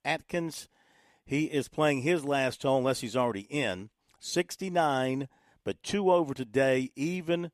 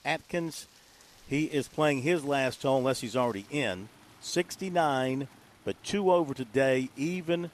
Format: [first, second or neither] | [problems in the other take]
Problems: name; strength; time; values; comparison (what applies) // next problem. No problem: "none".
first | rain or running water; faint; throughout; 25 dB below the speech